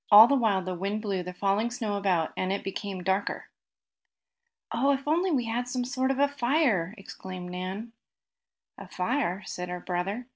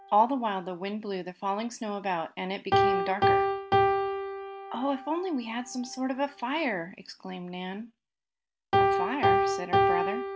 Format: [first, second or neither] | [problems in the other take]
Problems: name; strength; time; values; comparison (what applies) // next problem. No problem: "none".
first | background sound (Piano); 3 dB above the speech